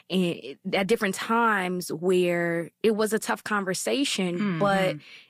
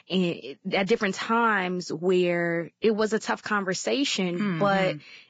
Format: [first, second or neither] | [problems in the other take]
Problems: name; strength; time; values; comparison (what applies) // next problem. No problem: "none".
first | garbled, watery; badly; nothing above 7.5 kHz; slightly in the first